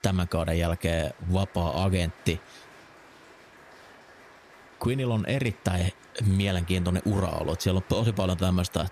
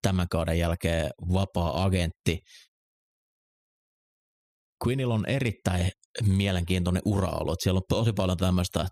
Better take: second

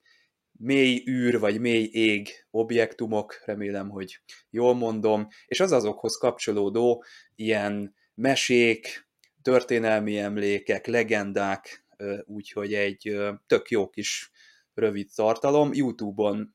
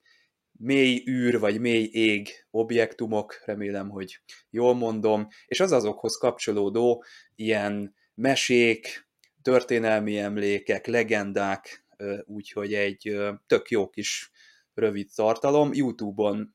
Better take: neither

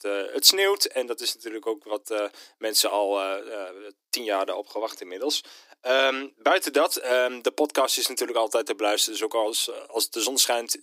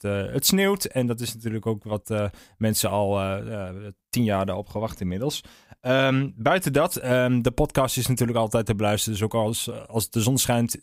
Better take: second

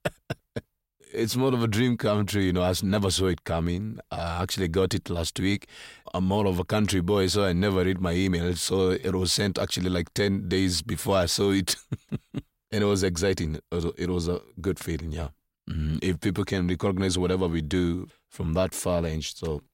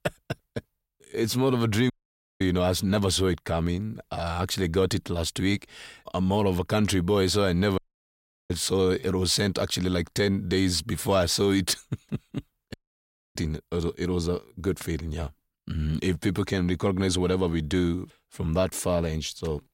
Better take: first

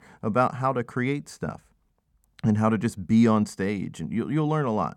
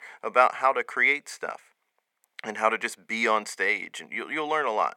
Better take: first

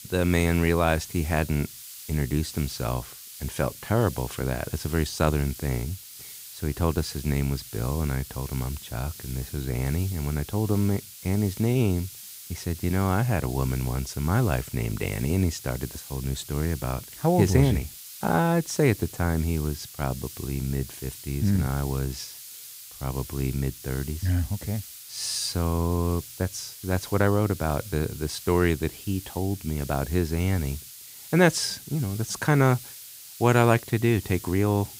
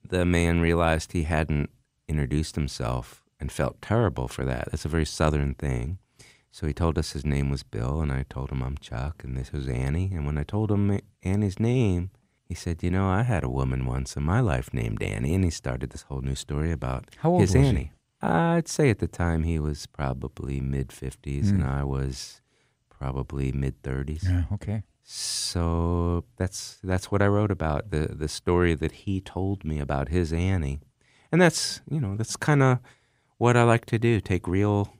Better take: second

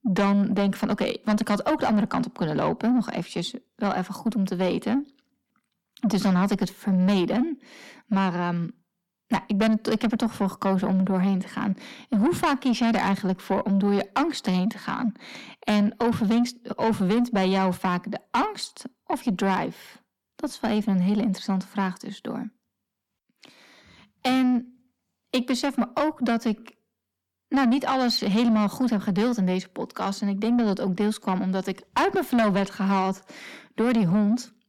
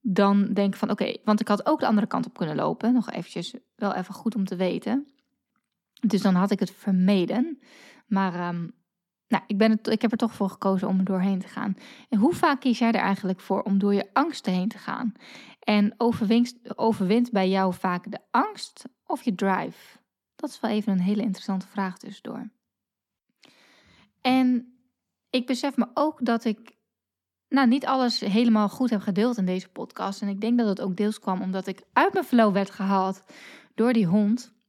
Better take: second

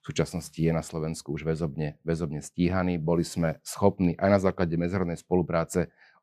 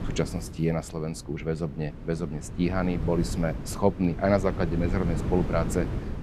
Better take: first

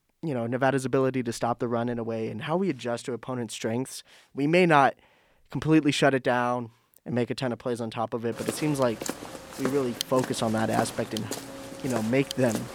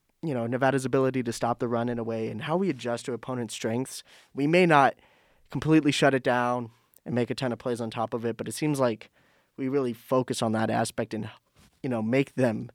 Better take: second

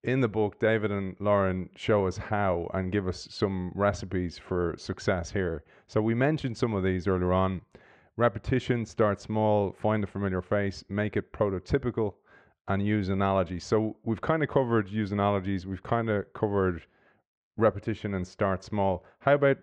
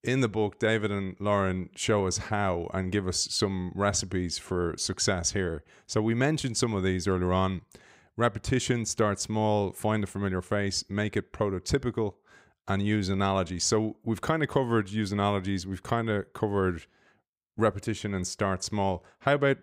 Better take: second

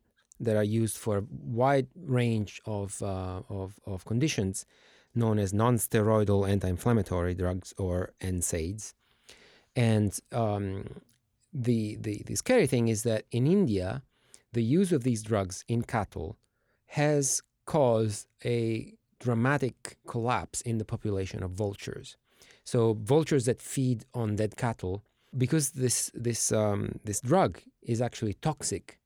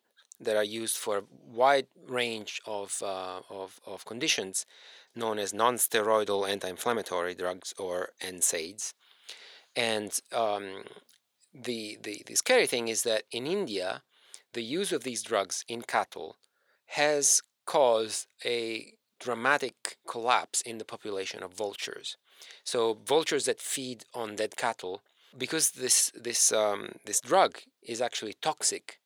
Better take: first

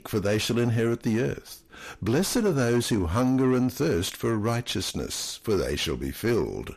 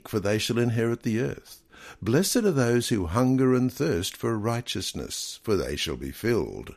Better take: second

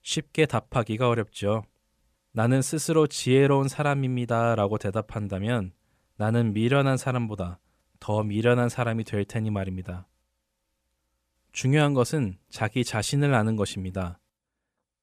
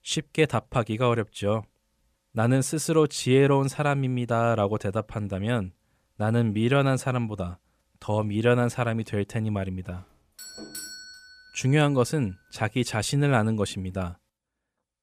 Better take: first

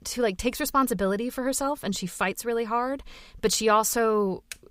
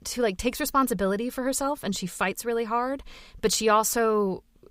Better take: second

